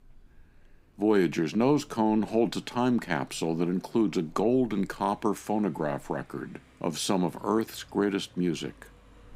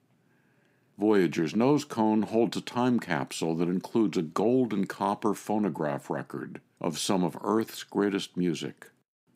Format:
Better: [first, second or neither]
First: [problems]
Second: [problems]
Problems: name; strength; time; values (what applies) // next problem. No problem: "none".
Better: second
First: traffic noise; faint; throughout; 30 dB below the speech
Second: none